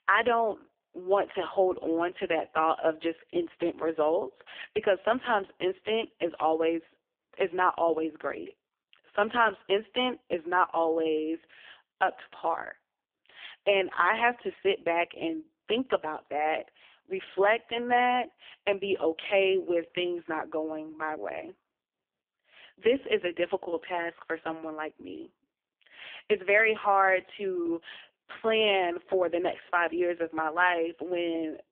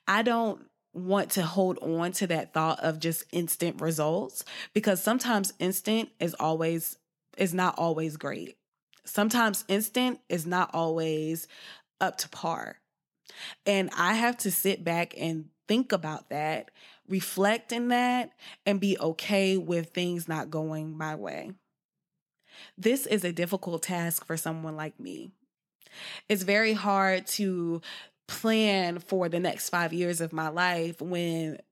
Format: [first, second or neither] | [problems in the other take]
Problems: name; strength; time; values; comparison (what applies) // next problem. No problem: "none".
second | phone-call audio; poor line; nothing above 3 kHz